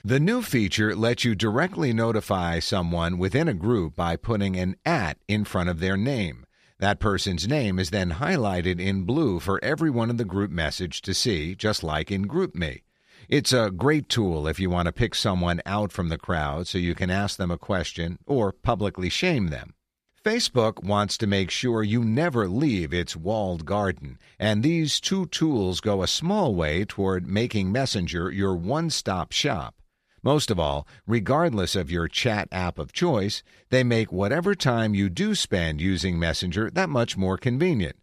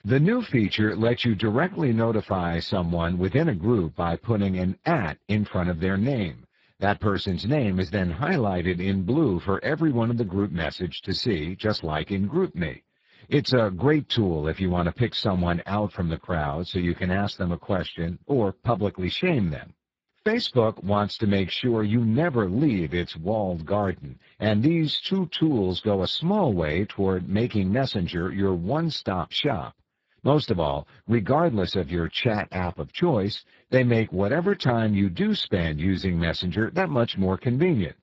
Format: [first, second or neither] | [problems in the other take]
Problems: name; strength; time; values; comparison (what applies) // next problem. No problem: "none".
first | garbled, watery; badly; nothing above 7.5 kHz